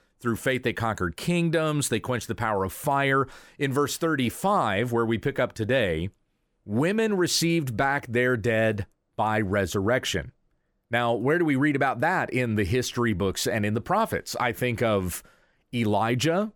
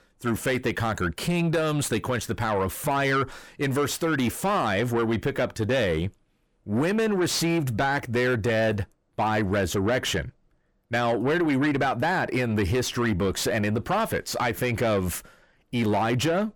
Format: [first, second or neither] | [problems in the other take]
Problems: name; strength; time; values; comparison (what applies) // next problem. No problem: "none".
first | distortion; slight; 9 dB below the speech